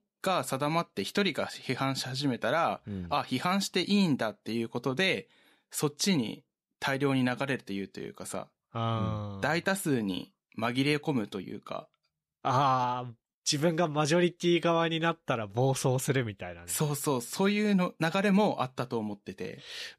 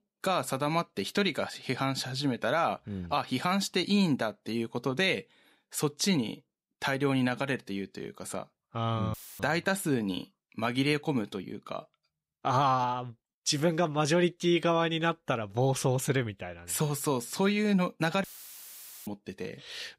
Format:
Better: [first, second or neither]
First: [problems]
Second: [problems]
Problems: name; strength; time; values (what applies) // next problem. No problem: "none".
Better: first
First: none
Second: audio cutting out; filled with static; at 9 s and at 18 s for 1 s